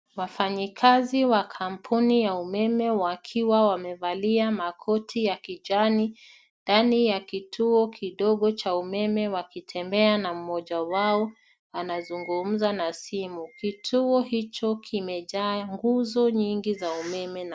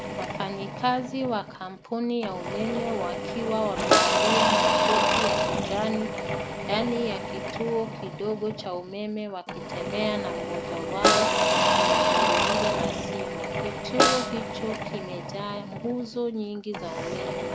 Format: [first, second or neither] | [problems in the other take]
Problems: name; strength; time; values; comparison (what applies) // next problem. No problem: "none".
first | background sound (Engine / Drill / Mechanisms + Snare drum); 5 dB above the speech